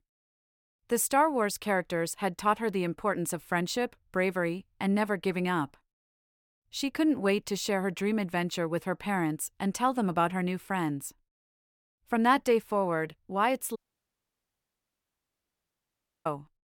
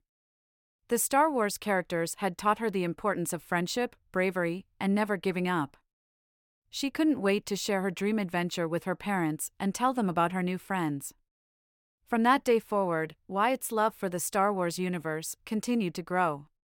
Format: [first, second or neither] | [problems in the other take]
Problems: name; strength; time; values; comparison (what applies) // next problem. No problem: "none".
second | audio cutting out; at 14 s for 2.5 s